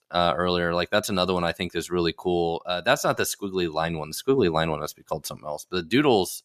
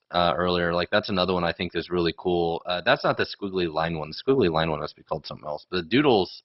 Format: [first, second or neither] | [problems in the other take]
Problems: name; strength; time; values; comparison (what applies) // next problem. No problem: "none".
first | garbled, watery; badly; nothing above 5.5 kHz